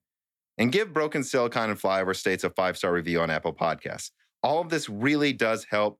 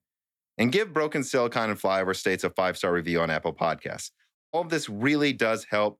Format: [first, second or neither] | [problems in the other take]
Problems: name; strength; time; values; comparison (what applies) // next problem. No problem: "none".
first | audio cutting out; at 4.5 s